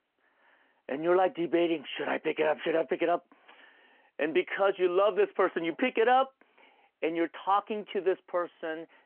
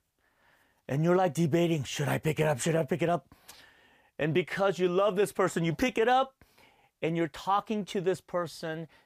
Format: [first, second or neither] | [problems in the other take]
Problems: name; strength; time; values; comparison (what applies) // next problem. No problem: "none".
second | phone-call audio